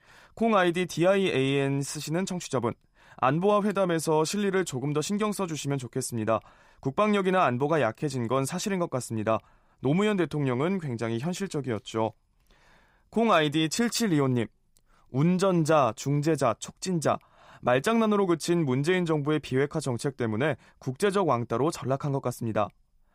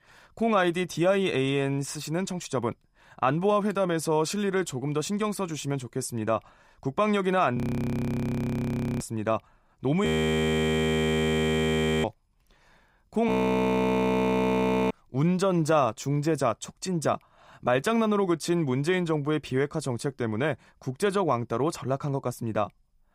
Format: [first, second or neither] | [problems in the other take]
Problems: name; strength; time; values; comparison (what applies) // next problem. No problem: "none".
first | audio freezing; at 7.5 s for 1.5 s, at 10 s for 2 s and at 13 s for 1.5 s